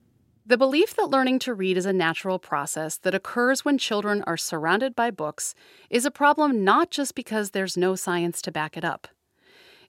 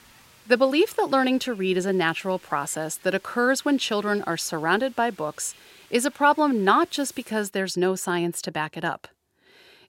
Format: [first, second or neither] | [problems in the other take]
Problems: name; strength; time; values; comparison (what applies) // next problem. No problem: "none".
first | hiss; faint; until 7.5 s; 25 dB below the speech